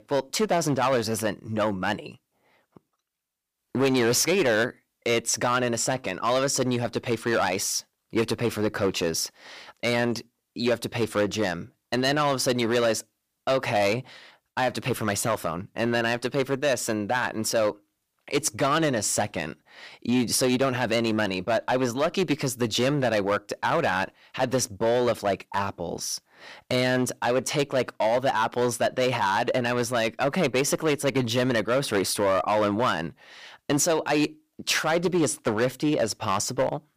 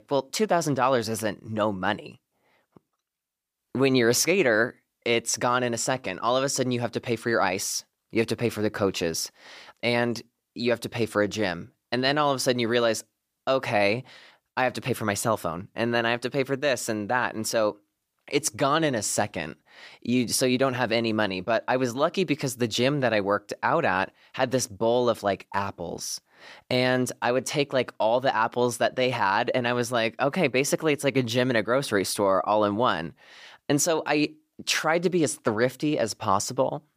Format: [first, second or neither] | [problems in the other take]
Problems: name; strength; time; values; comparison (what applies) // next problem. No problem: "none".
second | distortion; slight; 6% of the sound clipped